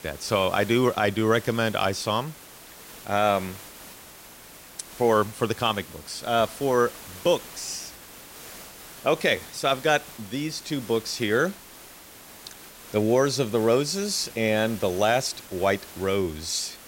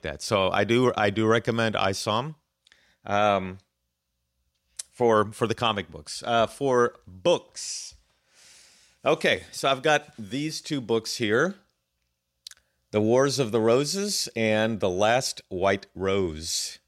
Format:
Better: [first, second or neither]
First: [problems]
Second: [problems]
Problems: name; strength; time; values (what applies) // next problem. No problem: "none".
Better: second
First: hiss; noticeable; throughout; 15 dB below the speech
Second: none